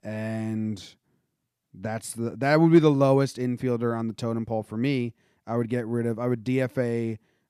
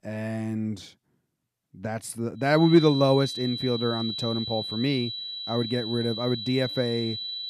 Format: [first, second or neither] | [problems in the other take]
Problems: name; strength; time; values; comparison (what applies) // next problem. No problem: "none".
first | high-pitched whine; loud; from 2.5 s on; 4 kHz, 6 dB below the speech